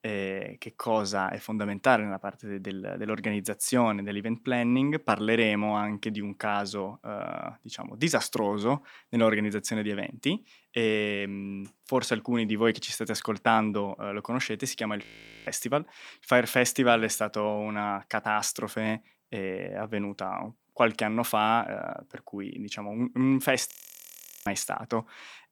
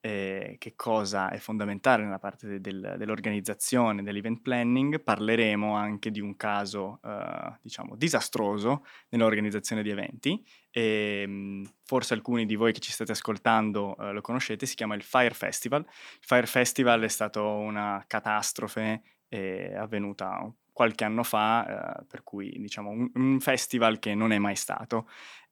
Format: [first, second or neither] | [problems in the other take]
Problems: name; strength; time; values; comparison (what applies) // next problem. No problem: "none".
second | audio freezing; at 15 s and at 24 s for 1 s